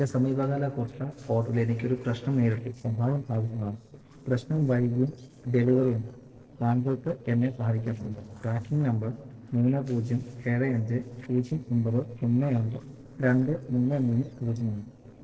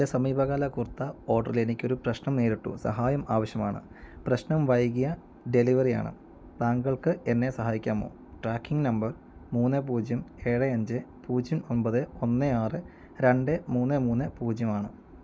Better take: second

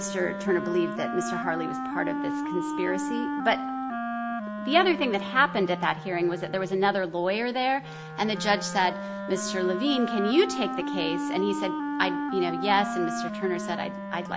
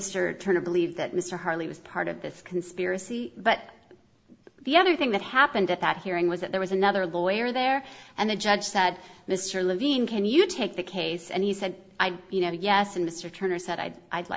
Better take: second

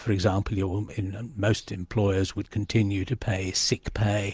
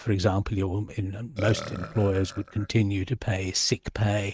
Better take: first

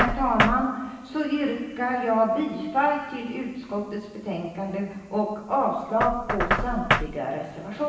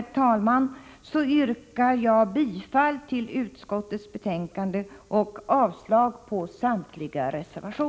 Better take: second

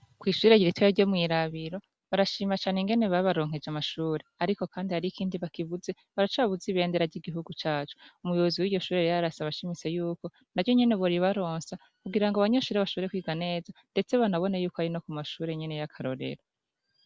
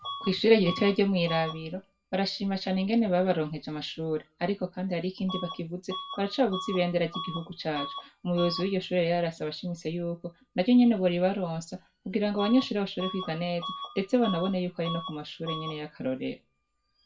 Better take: first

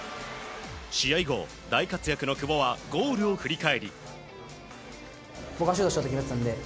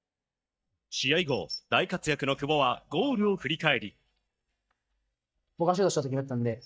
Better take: first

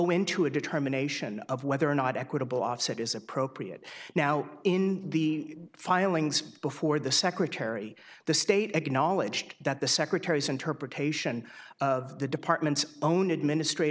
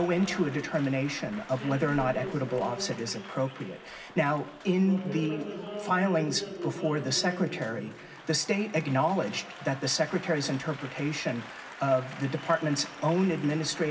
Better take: first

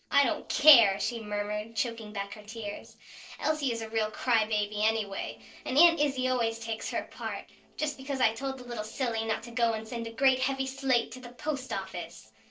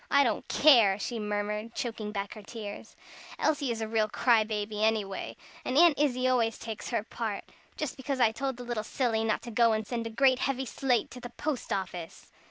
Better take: second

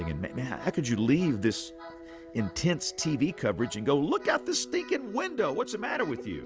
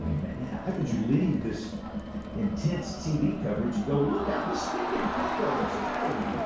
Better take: first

